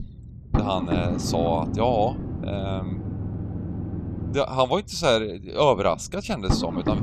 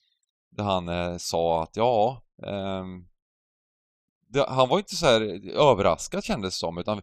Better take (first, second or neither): second